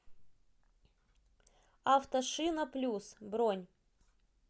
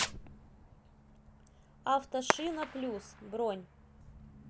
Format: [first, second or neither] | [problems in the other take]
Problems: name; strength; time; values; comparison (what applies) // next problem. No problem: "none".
first | background sound (Fireworks); 3 dB below the speech